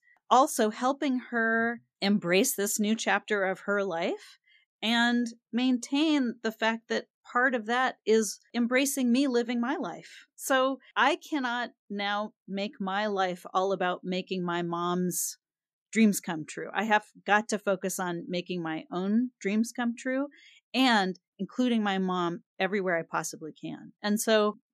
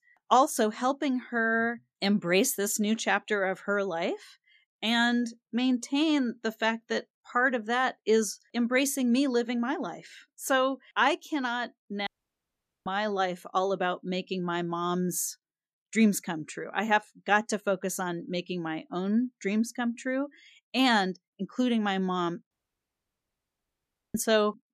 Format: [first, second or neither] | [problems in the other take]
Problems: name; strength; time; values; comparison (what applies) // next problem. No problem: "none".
first | audio cutting out; at 12 s for 1 s and at 23 s for 1.5 s